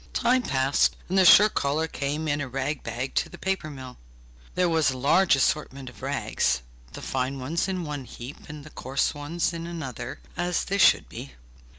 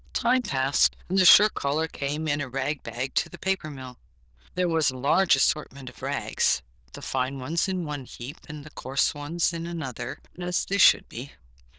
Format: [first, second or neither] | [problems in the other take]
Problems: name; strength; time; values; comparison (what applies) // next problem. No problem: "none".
first | noise reduction (neural diffusion model UNIVERSE++)